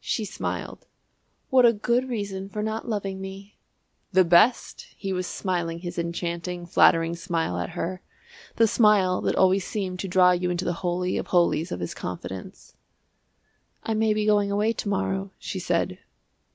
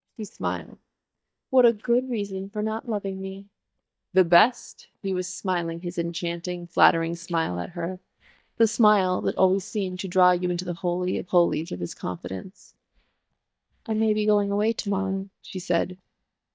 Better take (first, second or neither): first